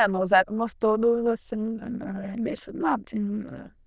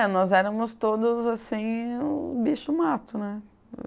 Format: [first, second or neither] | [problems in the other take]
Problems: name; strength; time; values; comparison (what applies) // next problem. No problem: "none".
second | noise reduction (neural diffusion model UNIVERSE++)